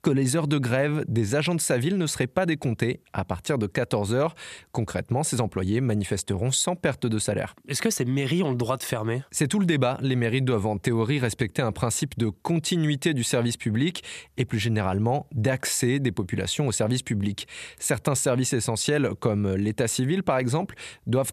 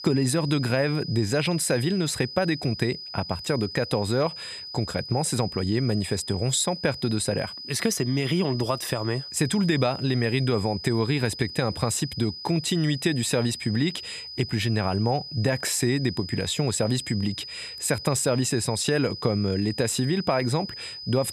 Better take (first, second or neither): first